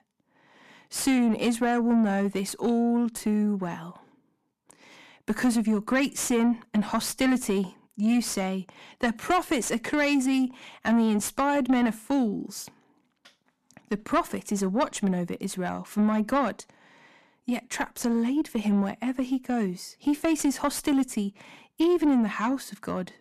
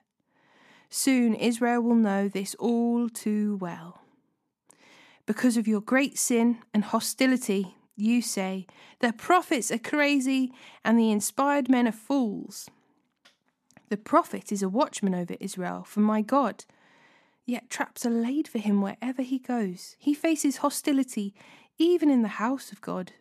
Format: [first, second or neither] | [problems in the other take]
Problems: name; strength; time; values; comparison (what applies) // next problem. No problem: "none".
second | distortion; slight; 10 dB below the speech